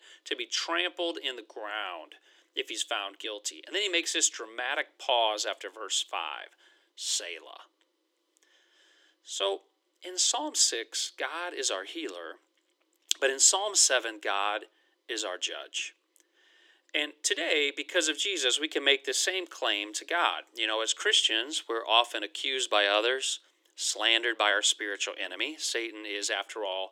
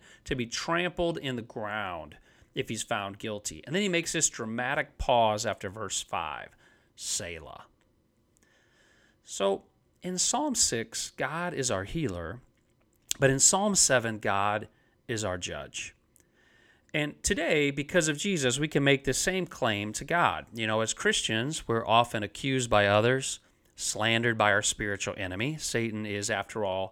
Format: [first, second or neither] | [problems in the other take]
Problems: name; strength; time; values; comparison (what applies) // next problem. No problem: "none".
second | thin; very; fading below 300 Hz